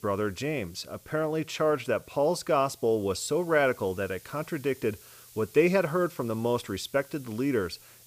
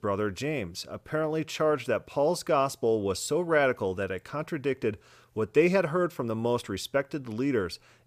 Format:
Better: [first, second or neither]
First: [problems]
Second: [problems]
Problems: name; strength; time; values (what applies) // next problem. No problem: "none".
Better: second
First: hiss; faint; throughout; 25 dB below the speech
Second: none